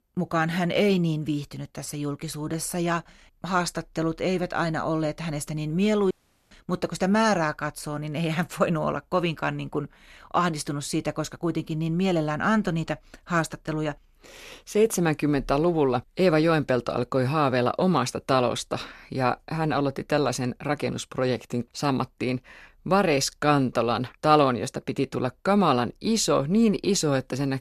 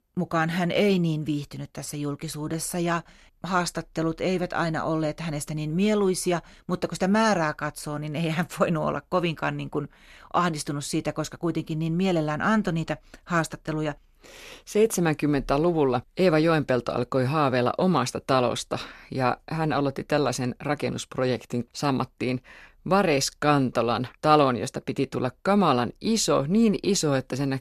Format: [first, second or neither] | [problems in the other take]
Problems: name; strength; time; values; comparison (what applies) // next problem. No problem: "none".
second | audio cutting out; at 6 s